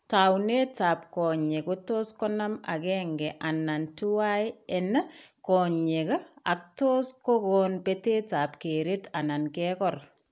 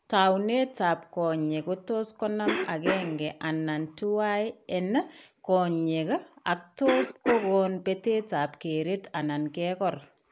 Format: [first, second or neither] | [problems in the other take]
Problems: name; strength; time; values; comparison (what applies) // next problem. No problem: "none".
first | background sound (Cough); 11 dB below the speech